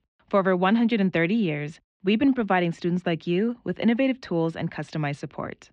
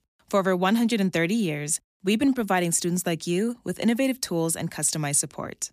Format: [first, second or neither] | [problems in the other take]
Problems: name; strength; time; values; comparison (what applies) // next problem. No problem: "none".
second | muffled; very; fading above 3 kHz